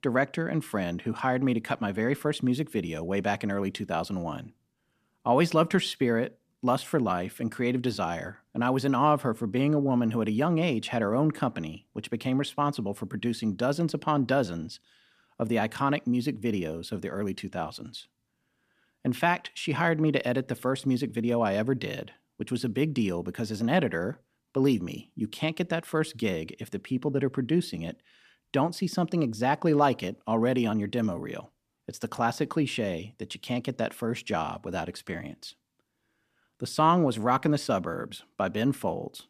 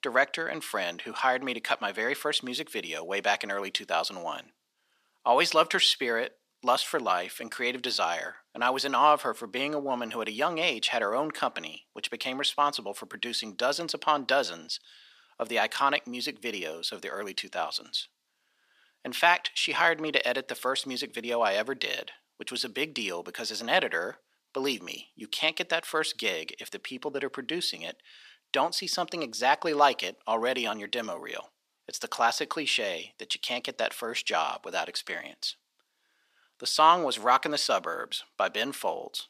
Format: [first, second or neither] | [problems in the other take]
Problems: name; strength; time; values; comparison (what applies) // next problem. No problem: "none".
first | thin; very; fading below 600 Hz